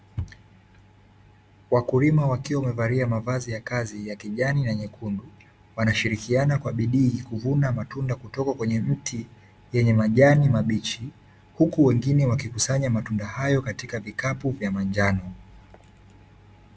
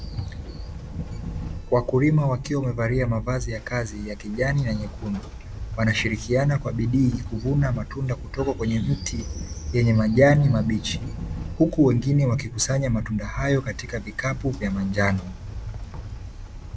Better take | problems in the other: first | background sound (Train); 10 dB below the speech

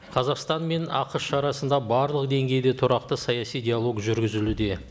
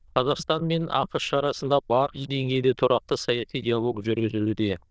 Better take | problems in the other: first | noise reduction (neural diffusion model UNIVERSE++)

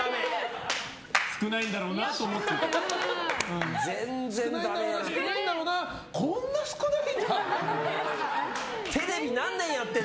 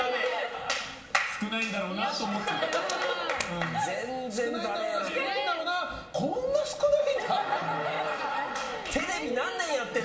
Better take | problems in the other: first | room echo; dies away in 1.7 s

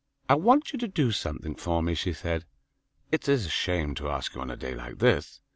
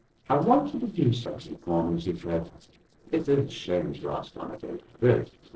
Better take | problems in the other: first | noise reduction (neural separator model SepFormer DNS4)

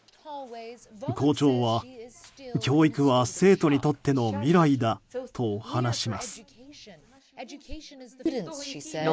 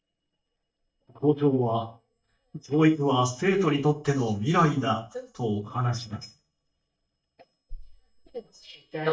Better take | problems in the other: first | noise reduction (neural mask model DeepFilterNet 3)

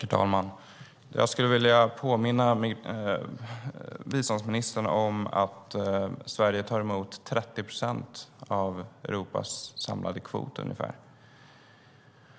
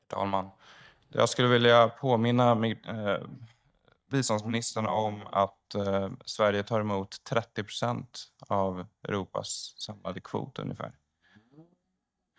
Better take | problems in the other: first | noise reduction (neural mask model DeepFilterNet 3)

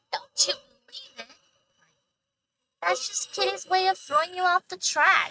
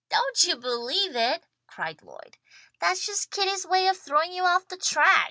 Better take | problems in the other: second | noise reduction (neural mask model RNNoise)

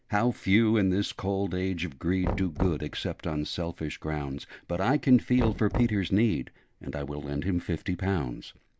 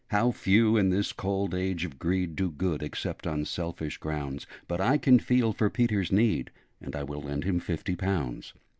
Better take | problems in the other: second | background sound (Knock); 11 dB below the speech

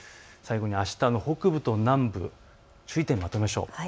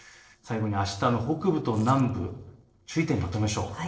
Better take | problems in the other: first | noise reduction (neural separator model SepFormer DNS4)

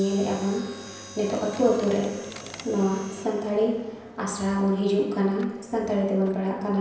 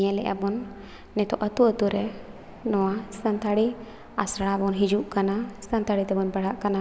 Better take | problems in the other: second | background sound (Mechanisms); 20 dB below the speech // room echo; dies away in 0.9 s

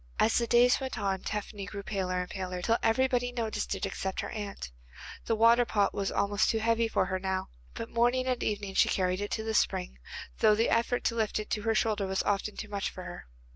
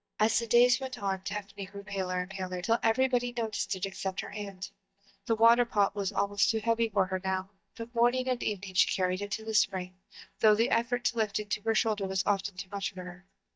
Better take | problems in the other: first | noise reduction (neural mask model DeepFilterNet 3)

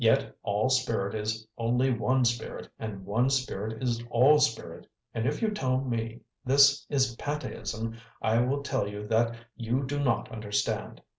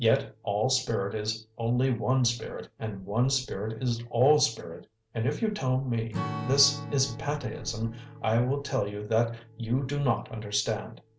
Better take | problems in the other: first | background sound (Strum); 15 dB below the speech

